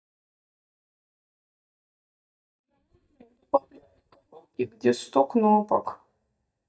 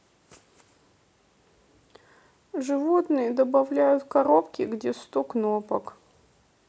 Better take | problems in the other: second | noise reduction (neural mask model DeepFilterNet 3)

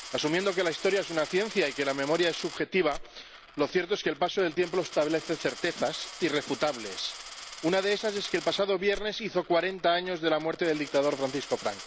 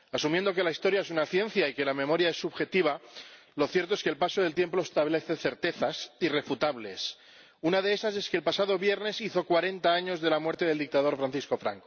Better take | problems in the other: second | background sound (Coin (dropping)); 15 dB below the speech

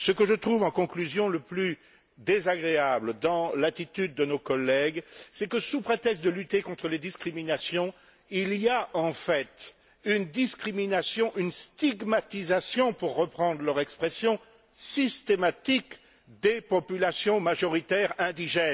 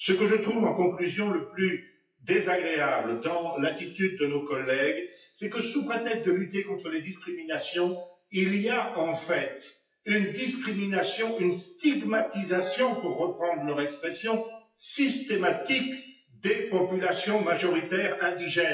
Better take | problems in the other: first | noise reduction (classical method WPE with log-MMSE)

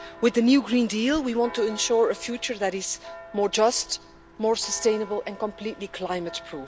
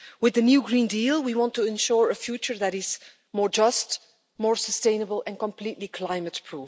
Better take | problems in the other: second | background sound (Church bell); 19 dB below the speech

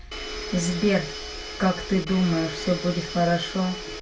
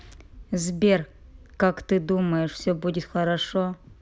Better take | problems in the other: second | background sound (Domestic sounds, home sounds); 9 dB below the speech // room echo; dies away in 0.2 s

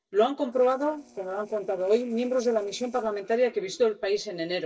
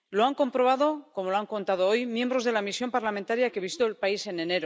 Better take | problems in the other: second | noise reduction (neural separator model SepFormer DNS4)

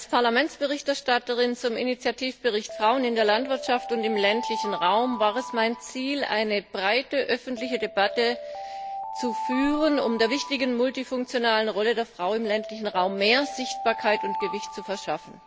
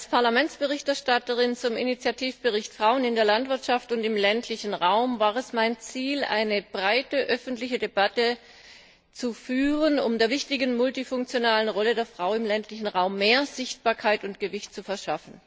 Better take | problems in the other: second | background sound (Alarm); 11 dB below the speech

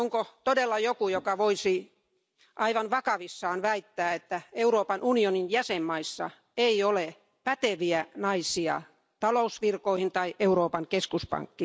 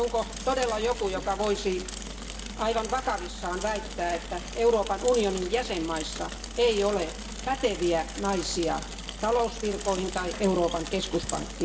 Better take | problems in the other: first | background sound (Mechanisms / Bicycle); 9 dB below the speech // room echo; dies away in 0.7 s

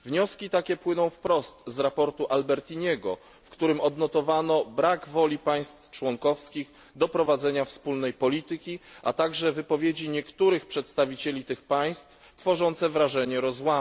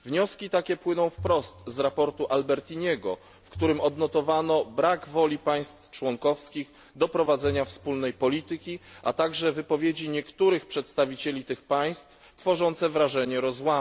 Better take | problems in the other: first | background sound (Bowed string instrument); 18 dB below the speech

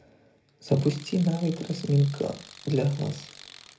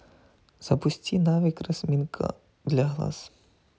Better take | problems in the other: second | background sound (Tools); 20 dB below the speech // room echo; dies away in 0.3 s

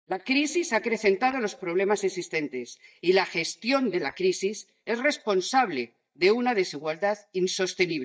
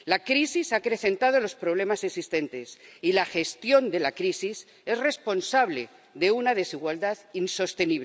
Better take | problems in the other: second | noise reduction (neural mask model DeepFilterNet 3)

